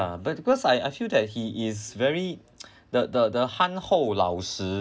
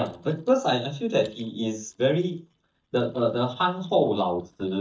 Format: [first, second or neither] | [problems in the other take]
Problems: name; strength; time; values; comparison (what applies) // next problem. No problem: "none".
first | noise reduction (neural mask model DeepFilterNet 3)